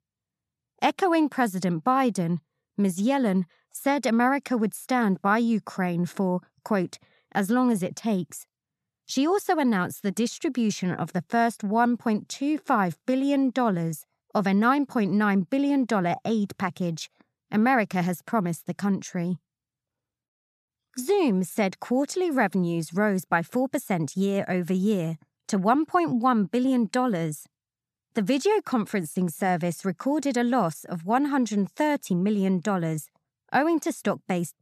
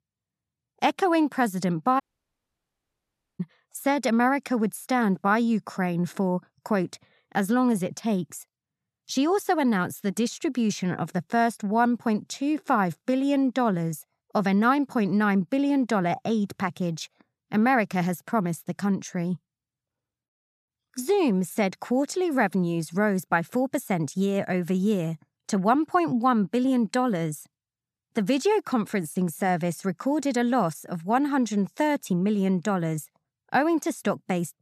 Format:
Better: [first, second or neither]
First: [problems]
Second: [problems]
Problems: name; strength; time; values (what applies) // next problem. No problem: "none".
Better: first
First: none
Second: audio cutting out; at 2 s for 1.5 s